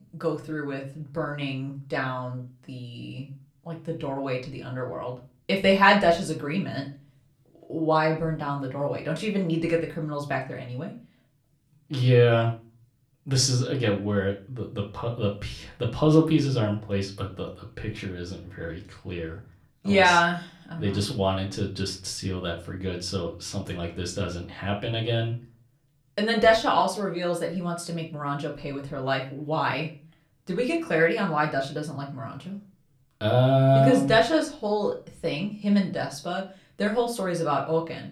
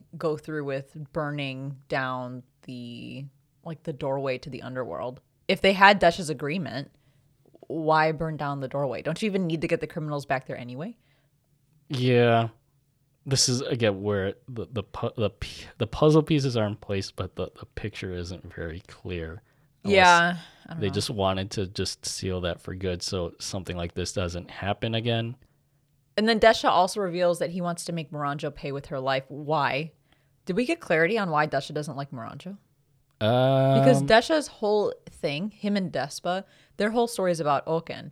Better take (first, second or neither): second